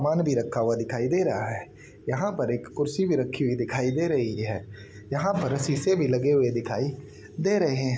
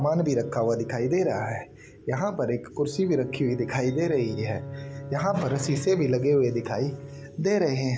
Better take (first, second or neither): first